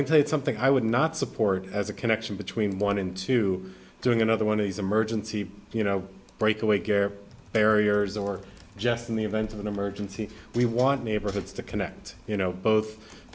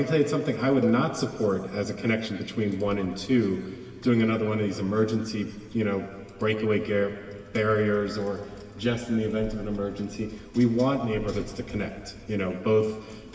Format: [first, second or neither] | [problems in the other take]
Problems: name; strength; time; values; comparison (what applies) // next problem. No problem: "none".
first | background sound (Cowbell); 12 dB below the speech // room echo; dies away in 2.3 s